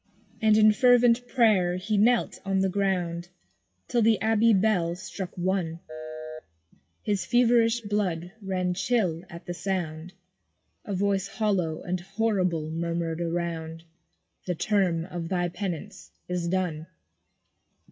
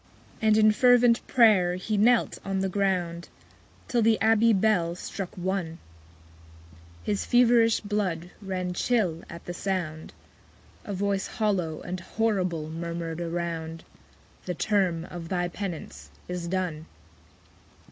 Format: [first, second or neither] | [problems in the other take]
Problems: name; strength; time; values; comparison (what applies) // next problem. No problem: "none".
second | noise reduction (classical method WPE with log-MMSE)